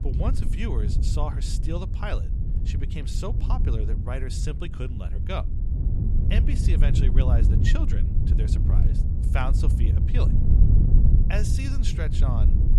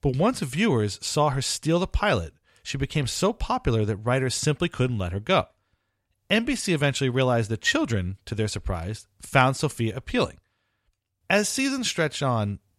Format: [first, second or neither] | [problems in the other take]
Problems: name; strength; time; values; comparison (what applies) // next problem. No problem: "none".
second | wind noise on the microphone; heavy; 3 dB below the speech